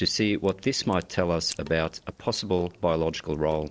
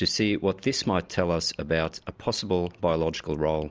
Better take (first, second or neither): second